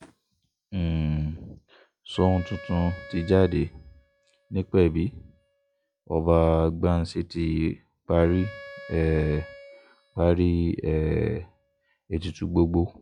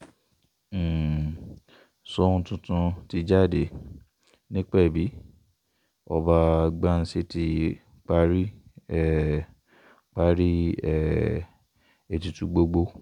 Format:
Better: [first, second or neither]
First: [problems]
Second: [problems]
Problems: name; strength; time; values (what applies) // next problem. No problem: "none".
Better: second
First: noise reduction (classical method log-MMSE)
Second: none